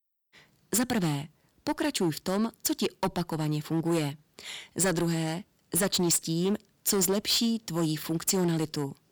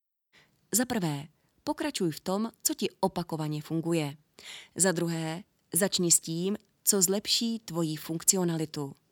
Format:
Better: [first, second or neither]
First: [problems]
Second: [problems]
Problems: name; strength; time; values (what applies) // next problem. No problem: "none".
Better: second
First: distortion; heavy; 8% of the sound clipped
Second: none